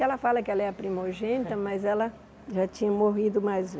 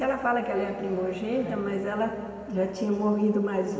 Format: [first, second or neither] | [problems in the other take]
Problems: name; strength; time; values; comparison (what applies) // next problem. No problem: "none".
first | room echo; dies away in 2.3 s